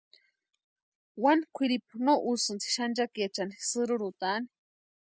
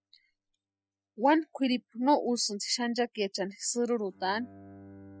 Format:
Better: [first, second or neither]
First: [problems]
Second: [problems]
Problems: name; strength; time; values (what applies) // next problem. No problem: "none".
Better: first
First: none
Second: noise reduction (classical method Wiener filter)